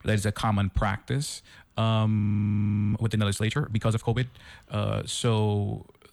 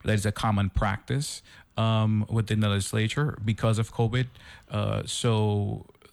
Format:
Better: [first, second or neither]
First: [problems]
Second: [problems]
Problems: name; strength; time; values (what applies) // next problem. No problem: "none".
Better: second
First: audio freezing; at 2 s for 0.5 s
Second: none